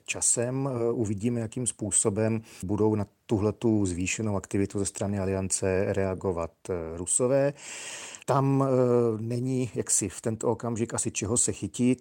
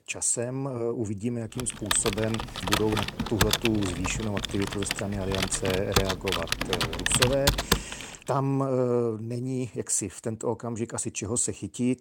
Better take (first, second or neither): first